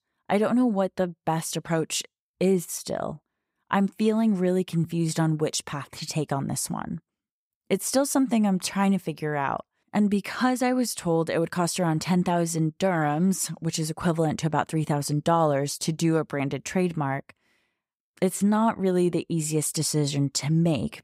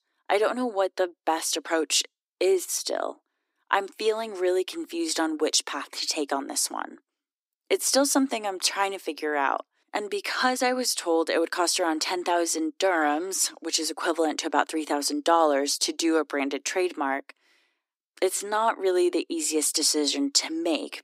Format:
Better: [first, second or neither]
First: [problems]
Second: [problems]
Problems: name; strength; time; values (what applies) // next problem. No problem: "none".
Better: first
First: none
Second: thin; somewhat; fading below 250 Hz